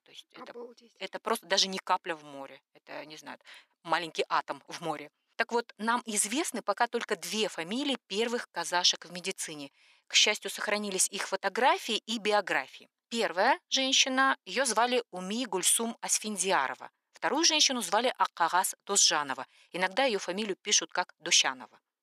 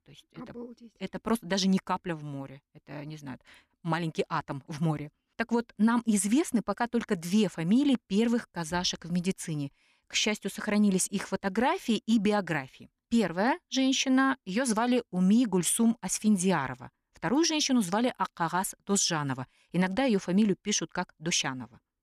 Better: second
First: thin; very; fading below 550 Hz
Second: none

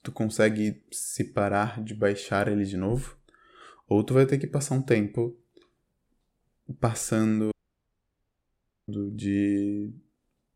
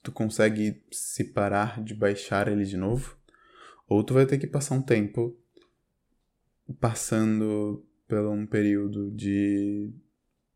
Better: second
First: audio cutting out; at 7.5 s for 1.5 s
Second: none

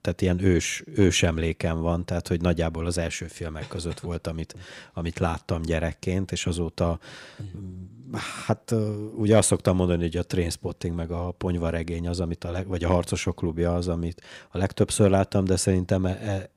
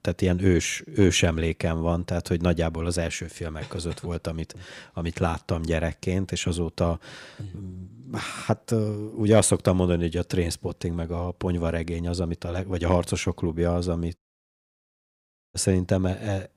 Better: first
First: none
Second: audio cutting out; at 14 s for 1.5 s

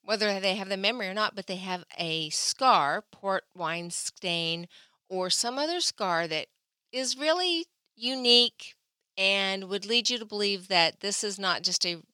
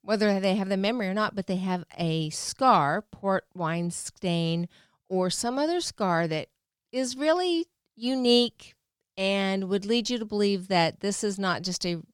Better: second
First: thin; somewhat; fading below 600 Hz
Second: none

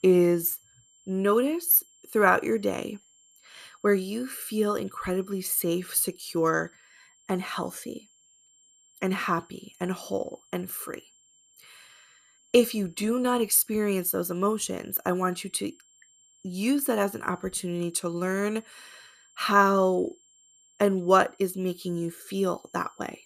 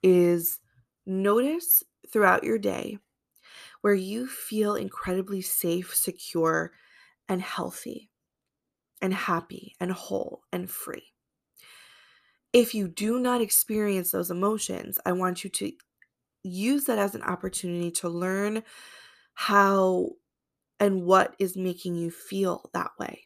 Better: second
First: high-pitched whine; faint; throughout; 7.5 kHz, 30 dB below the speech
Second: none

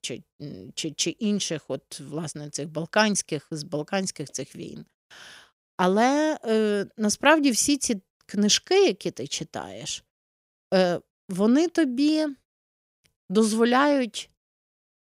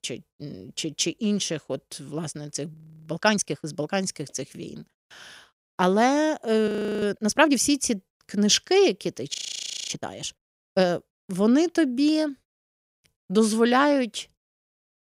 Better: first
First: none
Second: audio freezing; at 2.5 s, at 6.5 s and at 9.5 s for 0.5 s

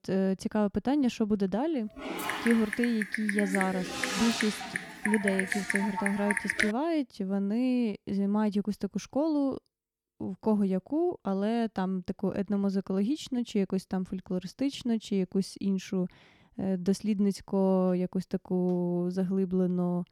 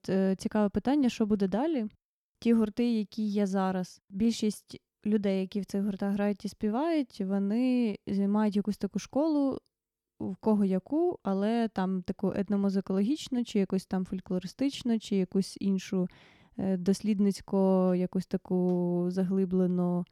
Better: second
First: keyboard typing; loud; from 2 to 6.5 s; peak 1 dB above the speech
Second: none

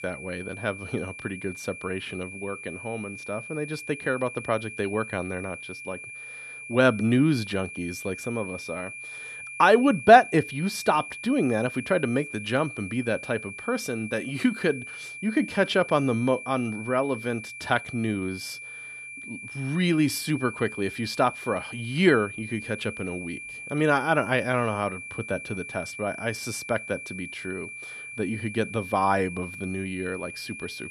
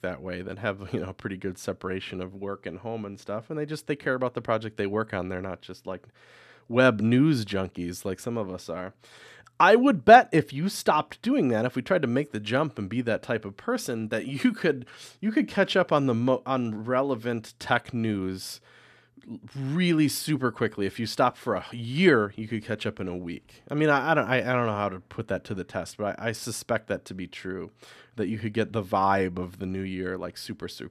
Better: second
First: high-pitched whine; noticeable; throughout; 2.5 kHz, 10 dB below the speech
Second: none

